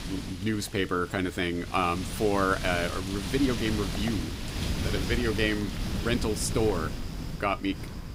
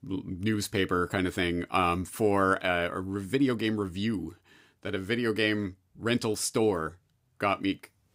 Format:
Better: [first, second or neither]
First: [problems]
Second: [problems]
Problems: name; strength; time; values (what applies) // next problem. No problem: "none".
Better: second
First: wind noise on the microphone; heavy; 9 dB below the speech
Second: none